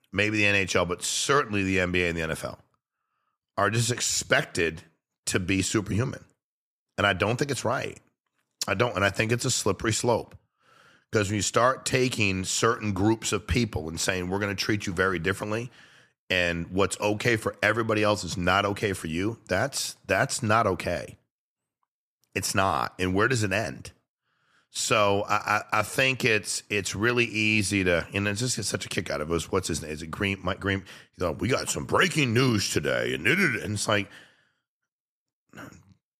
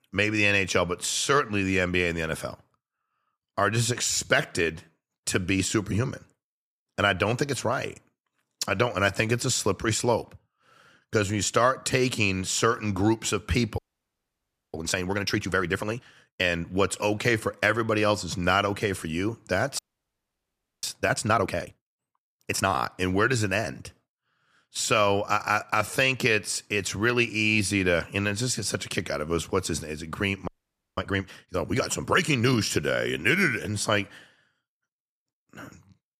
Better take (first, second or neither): first